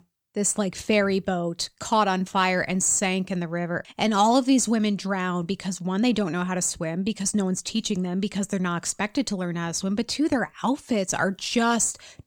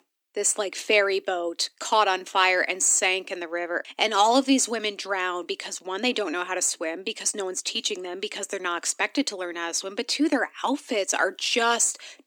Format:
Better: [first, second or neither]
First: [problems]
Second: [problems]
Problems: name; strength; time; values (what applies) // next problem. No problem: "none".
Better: first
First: none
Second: thin; somewhat; fading below 300 Hz